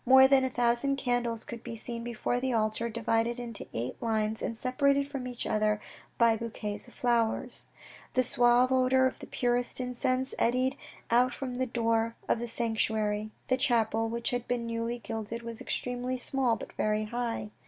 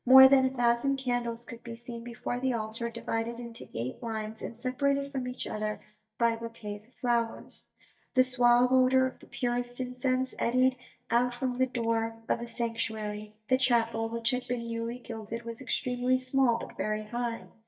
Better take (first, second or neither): first